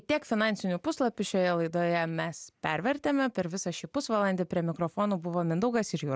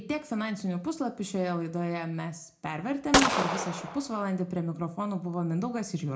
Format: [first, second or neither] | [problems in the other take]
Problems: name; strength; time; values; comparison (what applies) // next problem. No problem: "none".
first | background sound (Gunshot, gunfire); 2 dB above the speech // room echo; dies away in 0.3 s